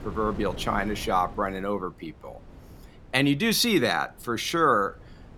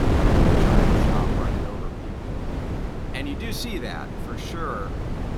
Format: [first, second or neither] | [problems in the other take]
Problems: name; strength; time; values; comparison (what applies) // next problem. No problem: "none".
first | wind noise on the microphone; heavy; 4 dB above the speech; occasional gusts in the first